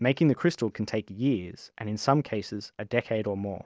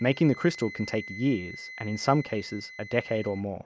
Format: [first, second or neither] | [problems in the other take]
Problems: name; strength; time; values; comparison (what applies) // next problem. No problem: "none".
first | background sound (Wind instrument, woodwind instrument); 16 dB below the speech